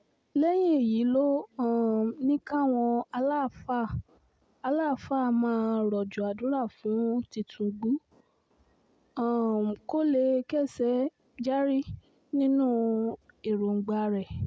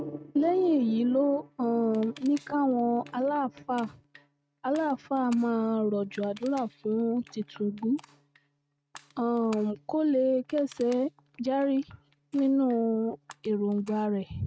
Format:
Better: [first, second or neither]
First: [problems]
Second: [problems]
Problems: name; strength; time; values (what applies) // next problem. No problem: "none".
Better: first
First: none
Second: noise reduction (neural mask model RNNoise)